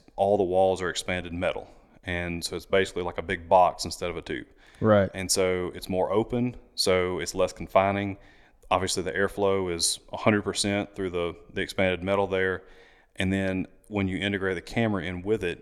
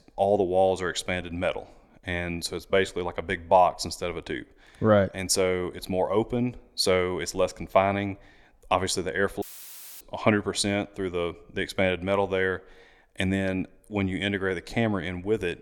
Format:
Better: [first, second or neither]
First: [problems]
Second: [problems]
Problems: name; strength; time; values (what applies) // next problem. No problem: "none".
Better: first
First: none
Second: audio cutting out; filled with static; at 9.5 s for 0.5 s